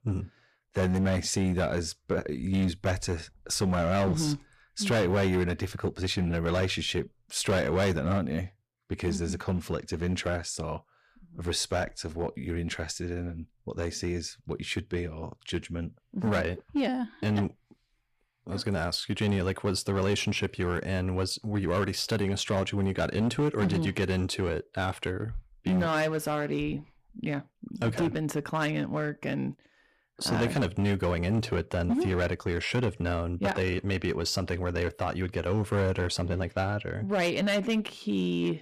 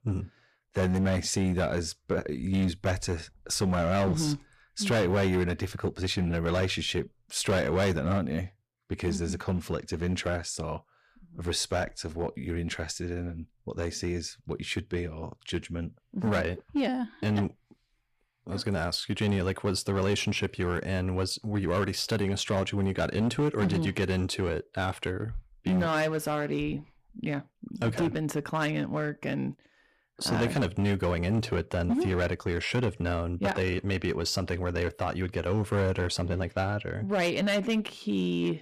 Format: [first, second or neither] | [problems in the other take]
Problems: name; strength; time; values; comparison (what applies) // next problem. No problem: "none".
neither | distortion; slight; 7% of the sound clipped; the same in both